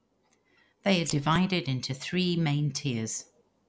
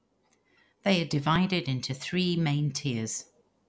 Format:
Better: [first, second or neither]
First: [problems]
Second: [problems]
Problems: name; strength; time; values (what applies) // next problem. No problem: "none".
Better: second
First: background sound (Scissors); 12 dB below the speech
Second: none